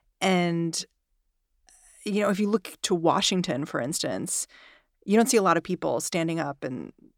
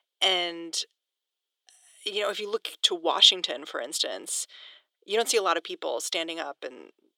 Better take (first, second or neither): first